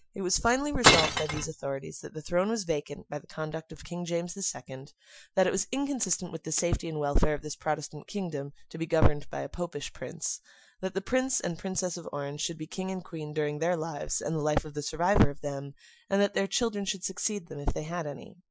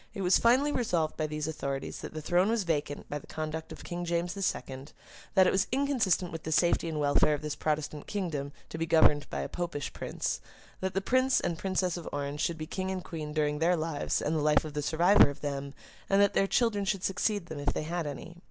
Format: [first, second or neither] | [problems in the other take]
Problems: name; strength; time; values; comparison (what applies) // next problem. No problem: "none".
second | noise reduction (classical method Wiener filter)